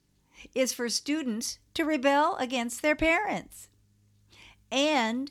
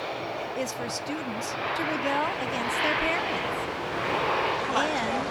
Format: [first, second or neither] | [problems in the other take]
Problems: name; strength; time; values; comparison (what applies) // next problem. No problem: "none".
first | train or aircraft noise; very loud; throughout; 4 dB above the speech